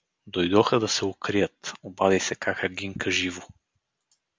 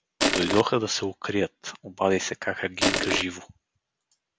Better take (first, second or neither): first